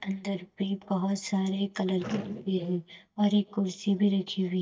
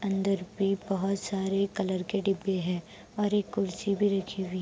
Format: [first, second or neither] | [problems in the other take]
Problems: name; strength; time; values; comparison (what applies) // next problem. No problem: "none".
second | noise reduction (neural mask model DeepFilterNet 3)